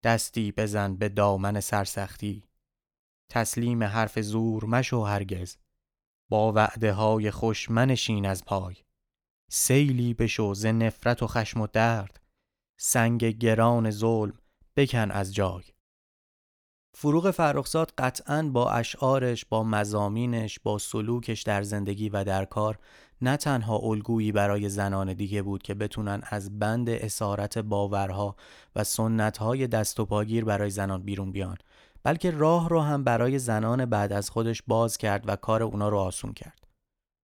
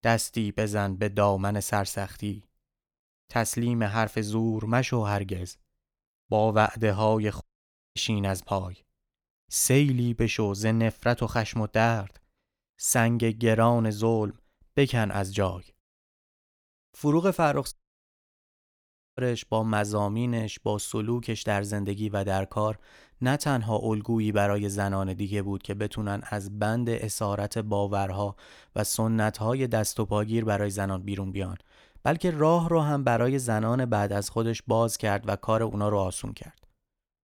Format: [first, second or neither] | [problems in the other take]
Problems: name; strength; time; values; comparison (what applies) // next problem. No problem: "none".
first | audio cutting out; at 7.5 s for 0.5 s and at 18 s for 1.5 s